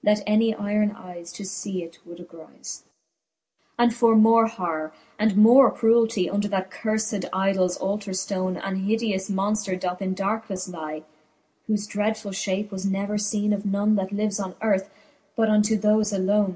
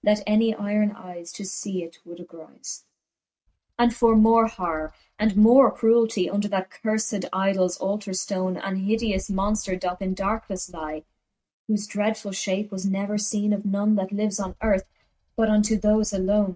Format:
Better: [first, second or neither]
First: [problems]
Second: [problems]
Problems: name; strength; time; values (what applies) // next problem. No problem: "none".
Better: first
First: none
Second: noise reduction (neural mask model RNNoise)